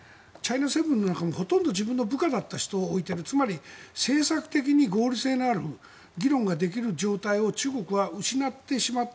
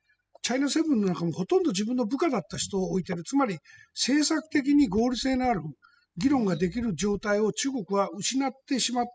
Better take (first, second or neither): first